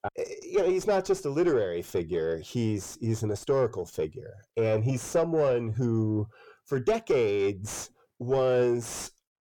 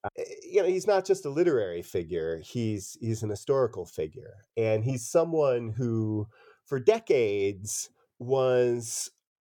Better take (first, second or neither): second